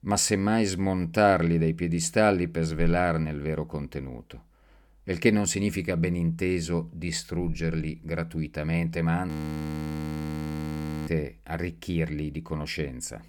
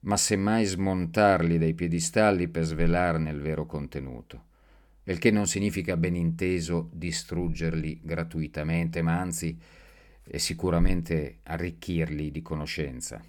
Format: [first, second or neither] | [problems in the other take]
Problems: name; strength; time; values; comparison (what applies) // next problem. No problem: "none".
second | audio freezing; at 9.5 s for 2 s